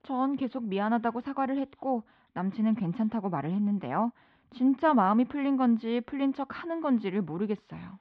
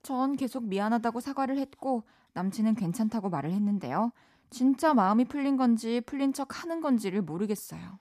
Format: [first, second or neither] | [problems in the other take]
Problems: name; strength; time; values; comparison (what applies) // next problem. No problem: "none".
second | muffled; very; fading above 3.5 kHz